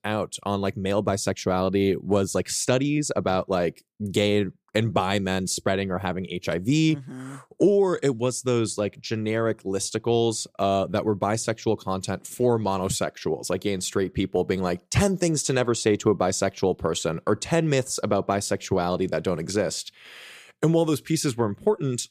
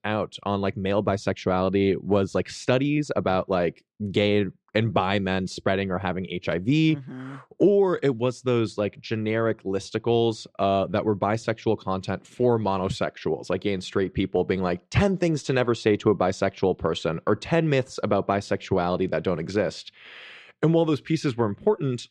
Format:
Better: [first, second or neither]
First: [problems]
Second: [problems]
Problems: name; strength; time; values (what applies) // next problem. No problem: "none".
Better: first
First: none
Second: muffled; slightly; fading above 3 kHz